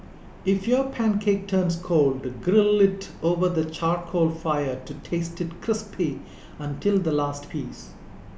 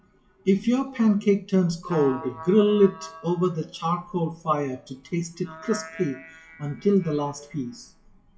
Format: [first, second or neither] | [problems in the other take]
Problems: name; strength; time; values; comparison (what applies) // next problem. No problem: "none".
first | noise reduction (classical method WPE with log-MMSE)